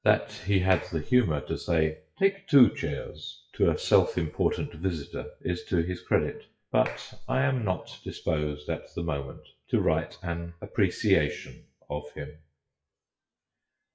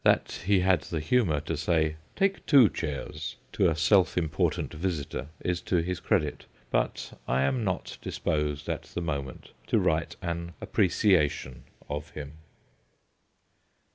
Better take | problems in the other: second | noise reduction (classical method WPE with log-MMSE)

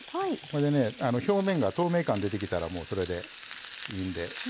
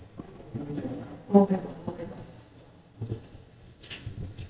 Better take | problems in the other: first | noise reduction (neural mask model DeepFilterNet 3)

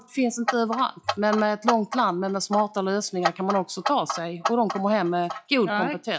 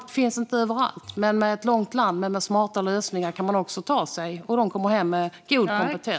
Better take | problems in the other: second | noise reduction (classical method log-MMSE)

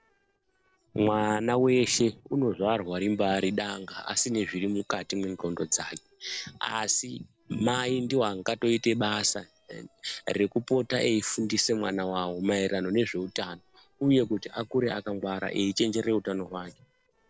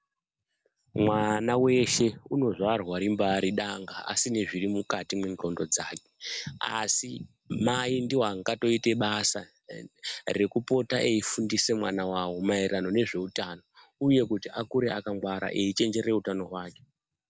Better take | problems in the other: second | noise reduction (neural separator model SepFormer DNS4)

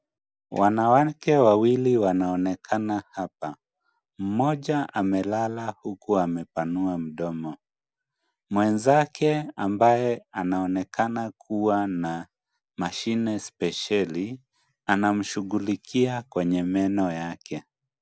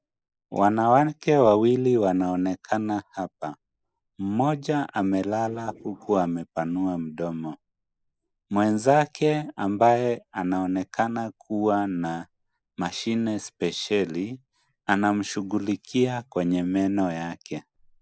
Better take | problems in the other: first | noise reduction (neural mask model Resemble Enhance denoiser)

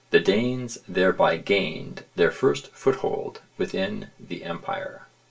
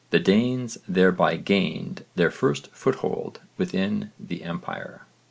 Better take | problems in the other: second | room echo; dies away in 0.1 s

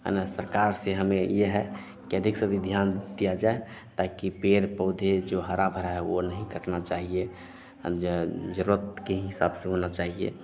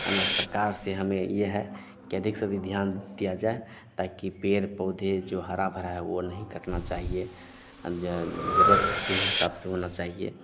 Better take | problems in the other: first | background sound (Breathing); 2 dB below the speech

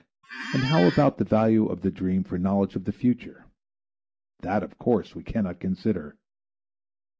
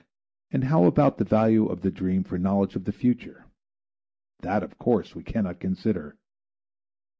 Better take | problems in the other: second | background sound (Squeak); 8 dB below the speech

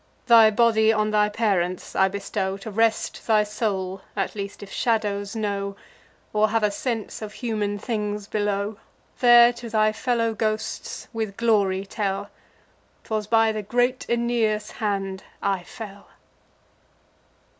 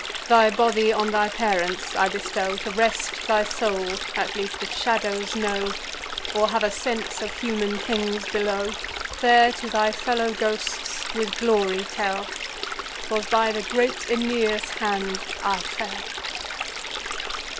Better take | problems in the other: first | background sound (Stream); 7 dB below the speech

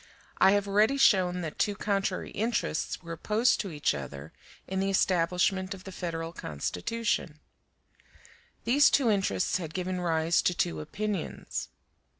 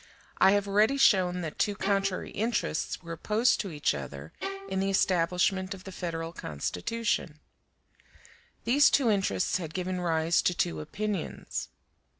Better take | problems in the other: first | background sound (Bowed string instrument); 12 dB below the speech

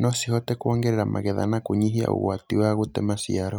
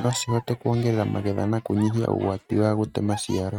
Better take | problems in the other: first | noise reduction (neural mask model RNNoise)

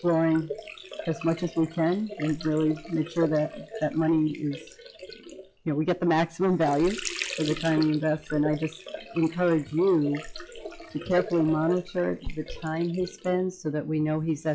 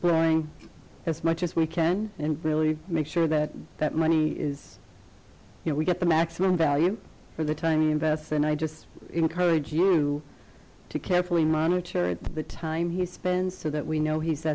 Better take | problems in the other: second | noise reduction (classical method log-MMSE)

